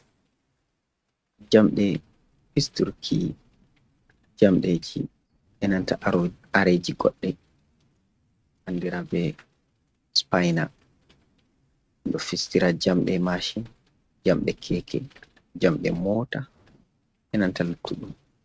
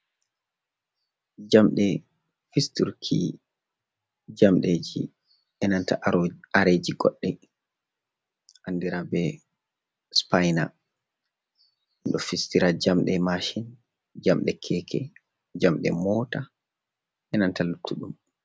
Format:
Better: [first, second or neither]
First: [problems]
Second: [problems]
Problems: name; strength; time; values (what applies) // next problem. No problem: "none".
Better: second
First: noise reduction (neural mask model RNNoise)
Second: none